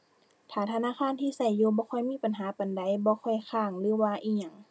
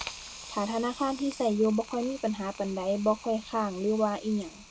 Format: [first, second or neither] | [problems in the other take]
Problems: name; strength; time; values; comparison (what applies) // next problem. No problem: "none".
first | background sound (Hiss); 16 dB below the speech